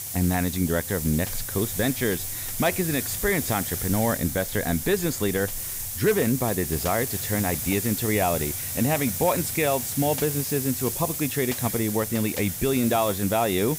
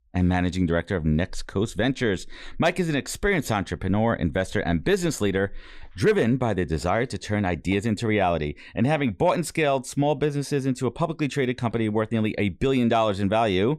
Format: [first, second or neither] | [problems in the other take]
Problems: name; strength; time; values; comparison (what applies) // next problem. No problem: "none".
second | hiss; loud; throughout; 3 dB below the speech